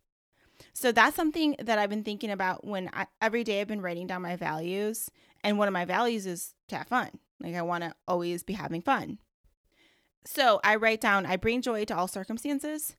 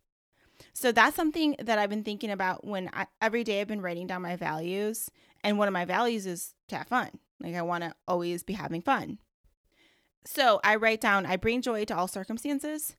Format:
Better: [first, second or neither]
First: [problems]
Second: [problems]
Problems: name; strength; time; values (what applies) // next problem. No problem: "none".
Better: neither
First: none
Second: none